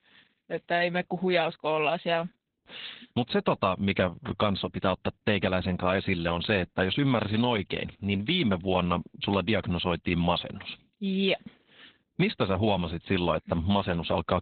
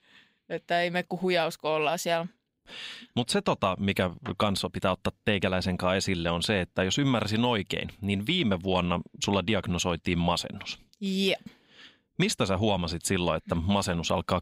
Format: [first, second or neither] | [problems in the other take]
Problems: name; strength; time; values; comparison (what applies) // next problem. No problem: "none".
second | garbled, watery; badly; nothing above 4 kHz